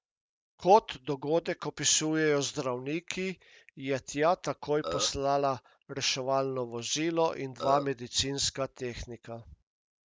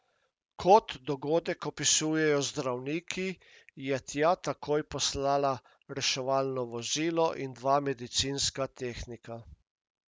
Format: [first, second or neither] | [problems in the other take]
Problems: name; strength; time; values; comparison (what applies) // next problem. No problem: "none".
second | noise reduction (neural mask model DeepFilterNet 3)